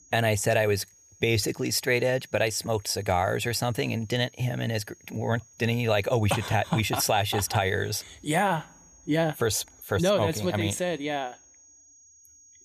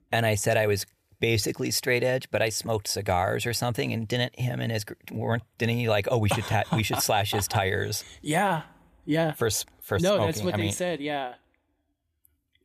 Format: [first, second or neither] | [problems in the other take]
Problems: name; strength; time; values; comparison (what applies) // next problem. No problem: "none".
second | high-pitched whine; faint; throughout; 6.5 kHz, 25 dB below the speech